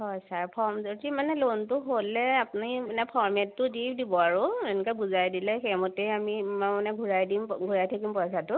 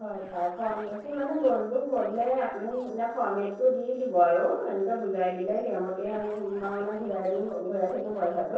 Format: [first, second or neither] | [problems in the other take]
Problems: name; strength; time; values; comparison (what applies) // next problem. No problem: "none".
first | noise reduction (neural separator model SepFormer DNS4)